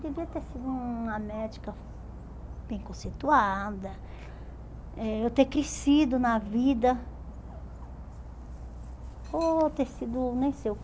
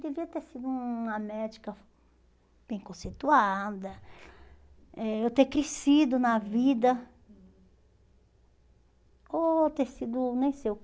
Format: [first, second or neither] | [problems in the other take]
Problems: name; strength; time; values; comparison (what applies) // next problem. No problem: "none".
second | background sound (Dog); 12 dB below the speech